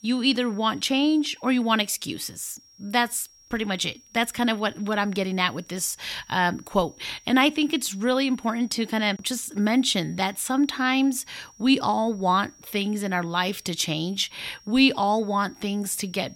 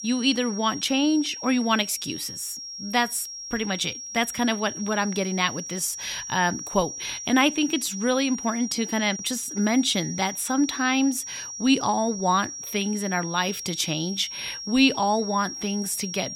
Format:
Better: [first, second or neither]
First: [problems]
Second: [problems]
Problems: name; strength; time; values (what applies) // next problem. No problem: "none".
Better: first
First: high-pitched whine; faint; throughout; 5.5 kHz, 25 dB below the speech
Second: high-pitched whine; loud; throughout; 5.5 kHz, 8 dB below the speech